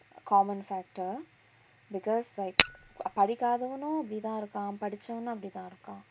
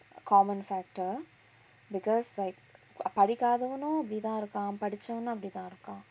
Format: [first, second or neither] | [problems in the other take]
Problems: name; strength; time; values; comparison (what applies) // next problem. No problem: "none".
second | background sound (Tap / Glass); 3 dB above the speech